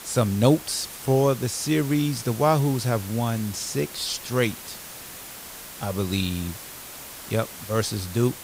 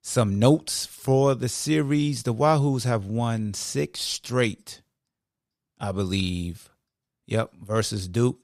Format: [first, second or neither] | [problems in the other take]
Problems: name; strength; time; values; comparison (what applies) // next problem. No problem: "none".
second | hiss; noticeable; throughout; 15 dB below the speech